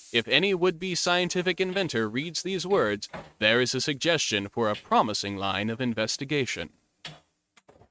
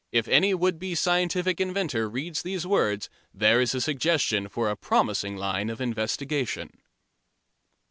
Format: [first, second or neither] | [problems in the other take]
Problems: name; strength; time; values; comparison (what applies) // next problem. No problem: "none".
second | noise reduction (neural mask model RNNoise)